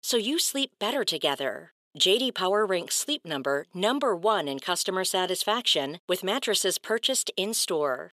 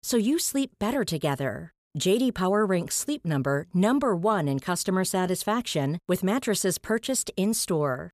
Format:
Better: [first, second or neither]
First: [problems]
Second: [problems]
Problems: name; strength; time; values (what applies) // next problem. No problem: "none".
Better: second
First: thin; somewhat; fading below 400 Hz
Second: none